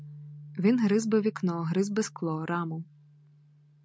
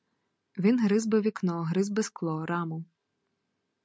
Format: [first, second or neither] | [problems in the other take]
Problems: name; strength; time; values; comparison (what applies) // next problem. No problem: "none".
second | background sound (Bass guitar); 20 dB below the speech